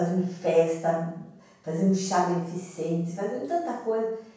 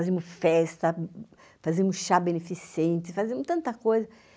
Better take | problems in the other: second | room echo; dies away in 0.7 s

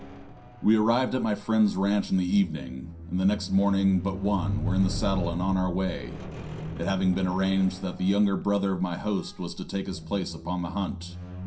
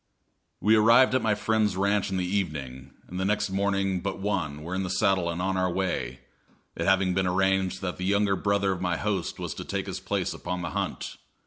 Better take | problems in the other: second | background sound (Squeak); 9 dB below the speech // room echo; dies away in 0.3 s

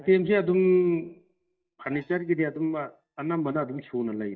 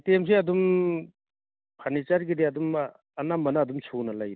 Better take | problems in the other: second | noise reduction (neural mask model DeepFilterNet 3)

